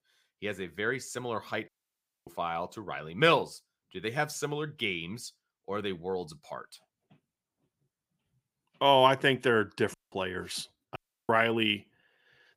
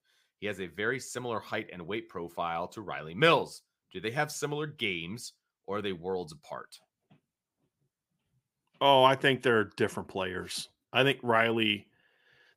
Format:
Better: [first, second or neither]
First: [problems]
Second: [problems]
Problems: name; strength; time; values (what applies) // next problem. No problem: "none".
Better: second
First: audio cutting out; at 1.5 s for 0.5 s, at 10 s and at 11 s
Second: none